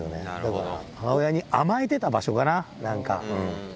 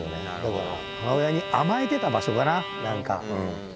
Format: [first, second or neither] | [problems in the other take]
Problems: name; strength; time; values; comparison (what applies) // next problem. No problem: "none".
first | background sound (Bowed string instrument); 9 dB below the speech